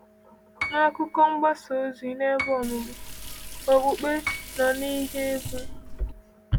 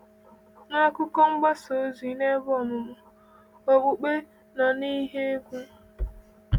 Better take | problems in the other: second | background sound (Piano + Liquid); 10 dB below the speech

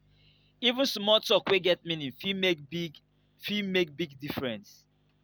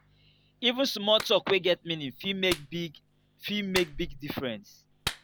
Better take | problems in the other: first | background sound (Clapping); 12 dB below the speech

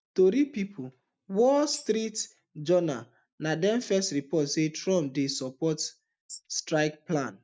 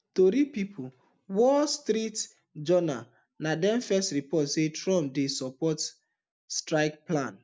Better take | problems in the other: second | noise reduction (neural mask model DeepFilterNet 3)

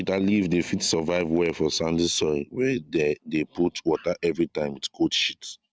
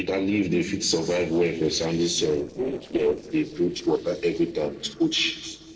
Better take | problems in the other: first | noise reduction (neural separator model SepFormer DNS4)

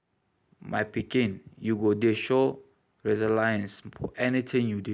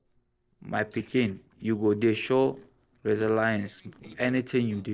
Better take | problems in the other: first | noise reduction (neural separator model SepFormer DNS4)

